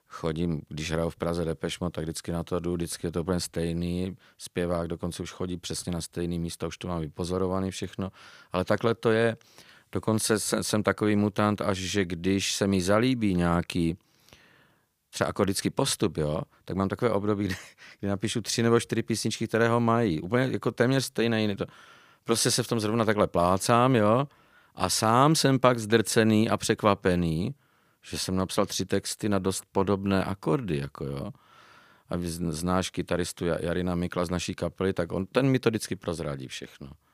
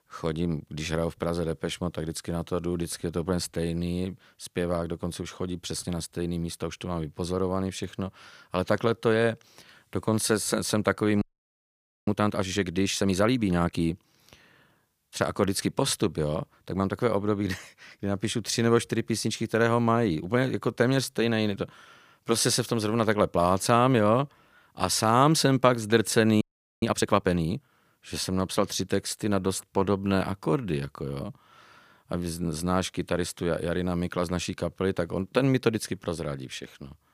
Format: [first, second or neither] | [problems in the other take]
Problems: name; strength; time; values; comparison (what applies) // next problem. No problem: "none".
first | audio freezing; at 11 s for 1 s and at 26 s